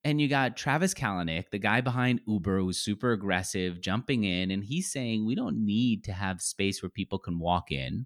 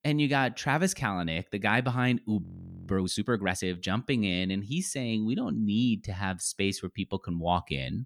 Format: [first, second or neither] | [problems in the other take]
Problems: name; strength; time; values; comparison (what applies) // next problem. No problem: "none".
first | audio freezing; at 2.5 s